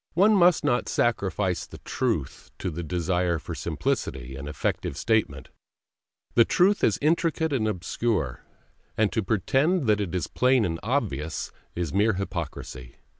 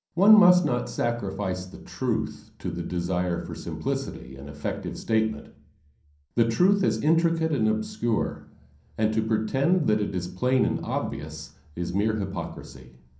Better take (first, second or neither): first